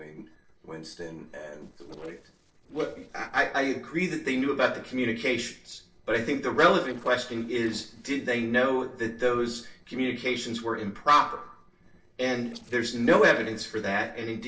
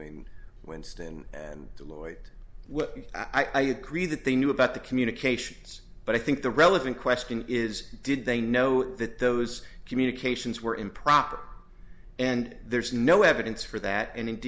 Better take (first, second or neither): second